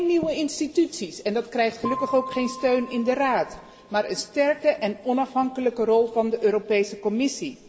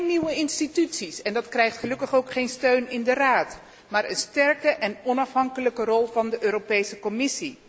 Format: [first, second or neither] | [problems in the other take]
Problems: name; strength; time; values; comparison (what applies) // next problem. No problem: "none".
second | background sound (Piano); 14 dB below the speech // room echo; dies away in 2.1 s